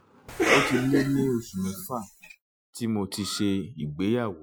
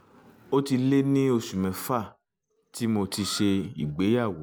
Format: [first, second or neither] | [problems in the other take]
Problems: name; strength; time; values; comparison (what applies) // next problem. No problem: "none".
second | noise reduction (classical method Wiener filter)